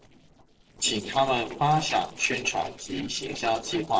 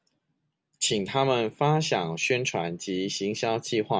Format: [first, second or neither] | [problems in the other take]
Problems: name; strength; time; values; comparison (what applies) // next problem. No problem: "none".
second | noise reduction (neural separator model SepFormer DNS4)